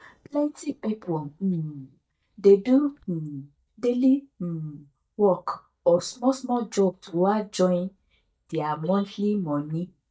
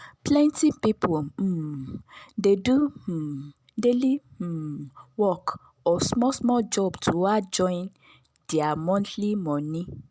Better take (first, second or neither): second